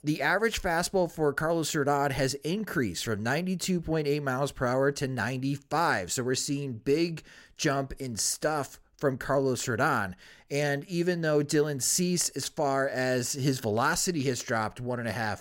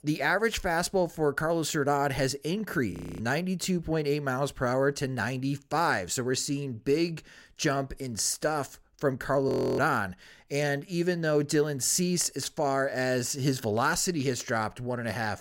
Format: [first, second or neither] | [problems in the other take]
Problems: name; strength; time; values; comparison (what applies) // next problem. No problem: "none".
first | audio freezing; at 3 s and at 9.5 s